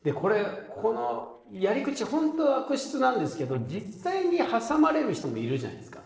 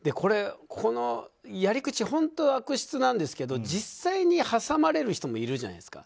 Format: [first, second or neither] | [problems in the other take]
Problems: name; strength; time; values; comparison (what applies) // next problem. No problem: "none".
second | noise reduction (neural separator model SepFormer DNS4)